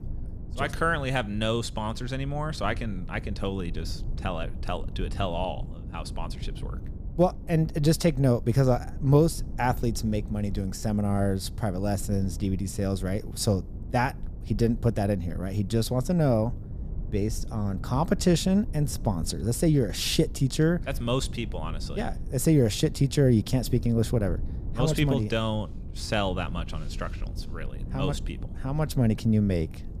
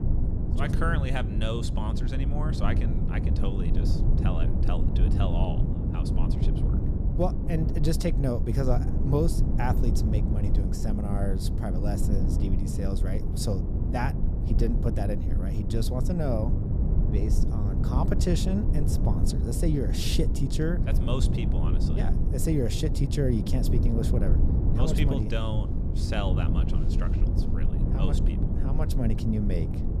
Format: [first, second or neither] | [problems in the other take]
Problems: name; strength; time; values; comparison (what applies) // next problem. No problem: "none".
first | low rumble; loud; throughout; 4 dB below the speech; faint in the first